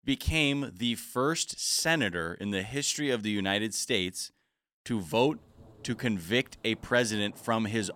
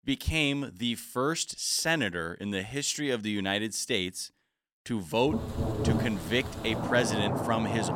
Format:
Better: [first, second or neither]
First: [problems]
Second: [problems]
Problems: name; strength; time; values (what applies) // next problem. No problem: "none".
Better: first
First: rain or running water; faint; from 5.5 s on; 25 dB below the speech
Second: rain or running water; loud; from 5.5 s on; 3 dB below the speech